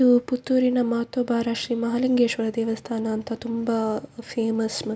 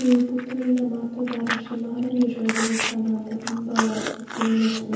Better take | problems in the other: first | background sound (Chewing, mastication); 8 dB below the speech // room echo; dies away in 1 s

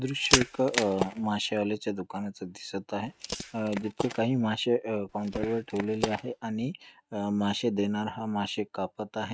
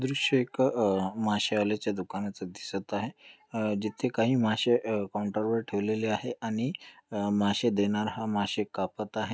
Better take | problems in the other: second | noise reduction (neural mask model RNNoise)

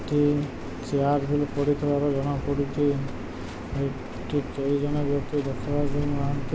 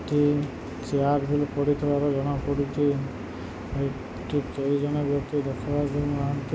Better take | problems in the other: second | background sound (Livestock, farm animals, working animals); 9 dB below the speech

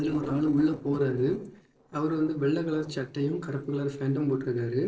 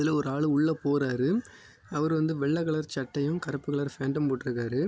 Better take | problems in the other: second | noise reduction (neural separator model SepFormer DNS4)

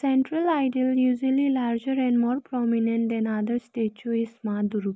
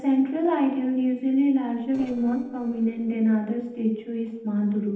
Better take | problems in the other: first | noise reduction (neural separator model SepFormer DNS4)

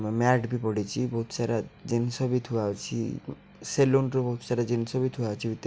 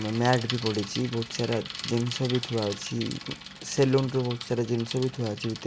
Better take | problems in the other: first | background sound (Bicycle); 11 dB below the speech

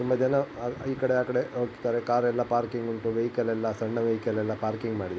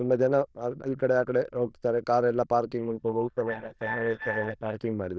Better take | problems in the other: first | noise reduction (neural diffusion model UNIVERSE++)

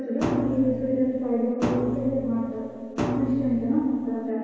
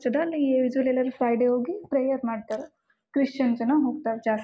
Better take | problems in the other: second | background sound (Thump, thud); 5 dB below the speech // room echo; dies away in 2.2 s

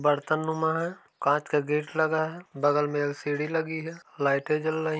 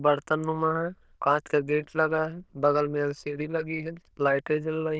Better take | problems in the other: first | noise reduction (neural diffusion model UNIVERSE++)

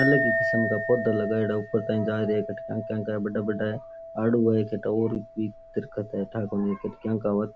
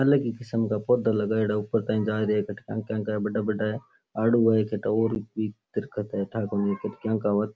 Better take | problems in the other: second | background sound (Chink, clink); 6 dB below the speech

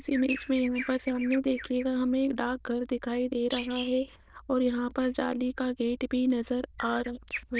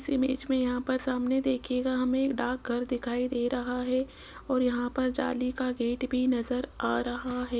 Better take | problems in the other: second | noise reduction (neural diffusion model UNIVERSE++)

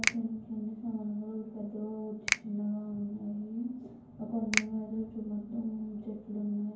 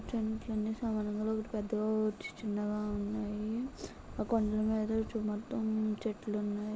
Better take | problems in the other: second | background sound (Finger snapping); 4 dB below the speech // room echo; dies away in 0.9 s

